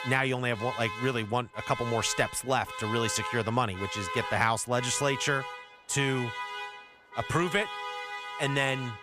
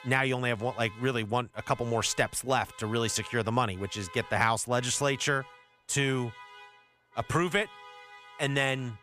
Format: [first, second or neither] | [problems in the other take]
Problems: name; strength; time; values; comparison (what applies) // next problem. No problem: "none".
second | alarms or sirens; loud; throughout; 8 dB below the speech; faint in the second